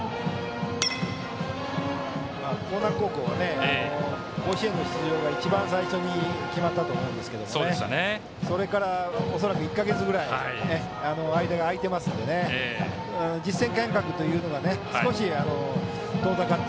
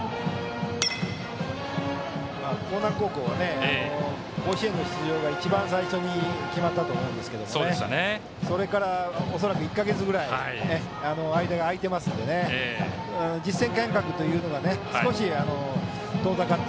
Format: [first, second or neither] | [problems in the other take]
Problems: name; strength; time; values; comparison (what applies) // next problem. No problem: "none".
second | background sound (Piano + Bowed string instrument); 11 dB below the speech